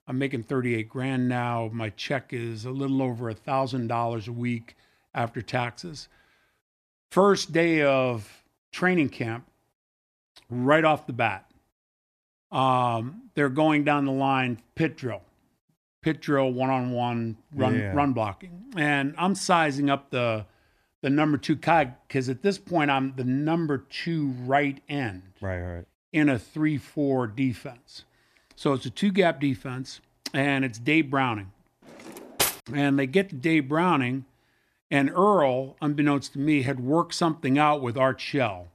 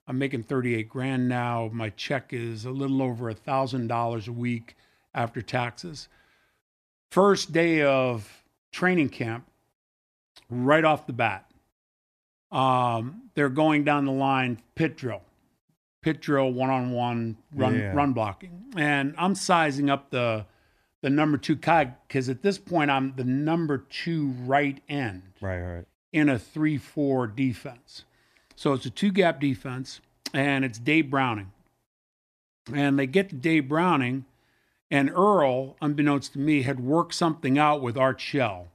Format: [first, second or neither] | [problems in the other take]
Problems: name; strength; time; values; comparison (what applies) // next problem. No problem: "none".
second | clattering dishes; loud; at 32 s; peak level with the speech